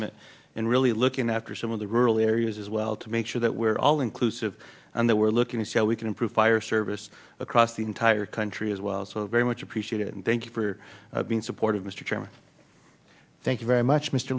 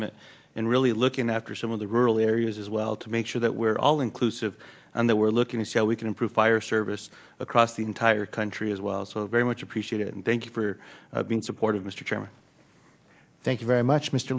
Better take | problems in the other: first | noise reduction (neural mask model Resemble Enhance denoiser)

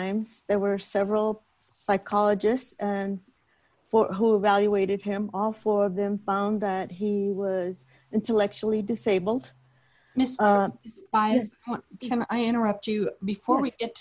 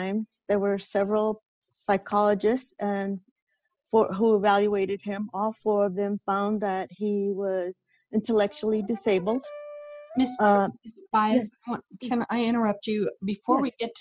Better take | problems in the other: first | noise reduction (classical method spectral subtraction)

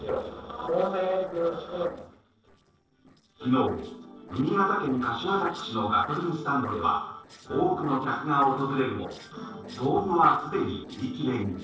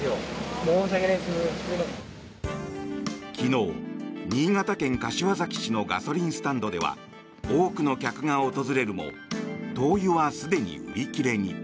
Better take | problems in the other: second | noise reduction (neural separator model SepFormer DNS4)

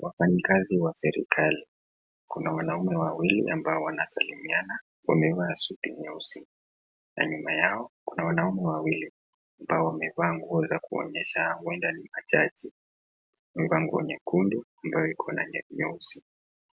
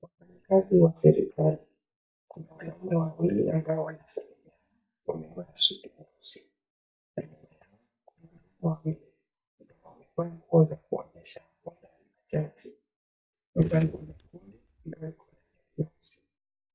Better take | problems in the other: first | noise reduction (neural mask model DeepFilterNet 3)

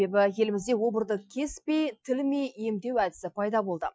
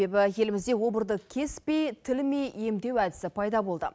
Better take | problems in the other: second | noise reduction (classical method Wiener filter)

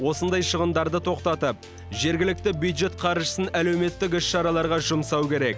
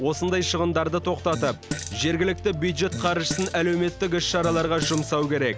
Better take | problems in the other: first | background sound (Fart); 12 dB below the speech

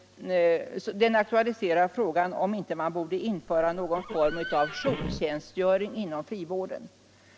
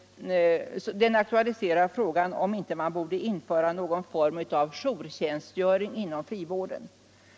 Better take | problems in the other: second | background sound (Livestock, farm animals, working animals); 11 dB below the speech

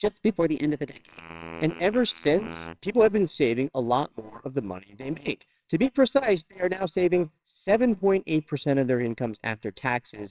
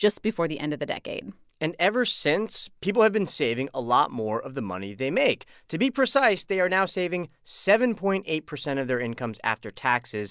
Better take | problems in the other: second | noise reduction (neural separator model SepFormer WHAMR!)

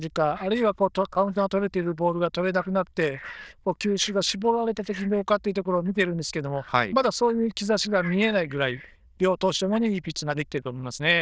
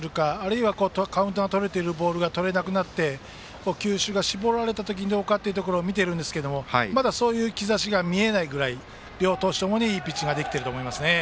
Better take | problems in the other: second | noise reduction (neural diffusion model UNIVERSE++)

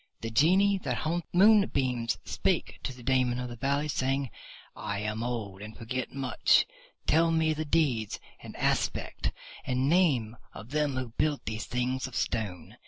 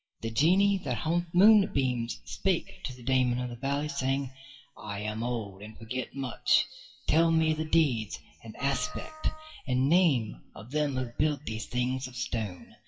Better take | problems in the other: first | noise reduction (classical method WPE with log-MMSE)

